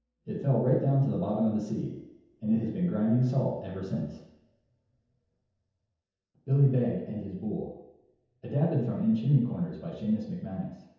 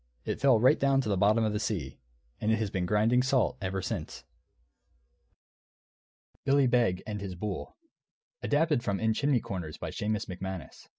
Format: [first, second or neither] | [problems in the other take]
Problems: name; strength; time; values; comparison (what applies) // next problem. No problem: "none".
second | room echo; dies away in 0.9 s